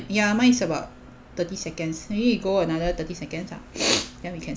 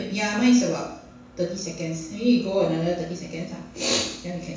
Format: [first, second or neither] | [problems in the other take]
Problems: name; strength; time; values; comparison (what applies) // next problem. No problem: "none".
first | room echo; dies away in 0.7 s